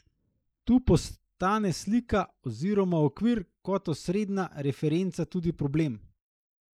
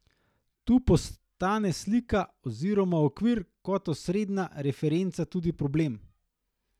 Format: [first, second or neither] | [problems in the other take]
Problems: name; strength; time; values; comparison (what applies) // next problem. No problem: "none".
second | noise reduction (neural mask model Resemble Enhance denoiser)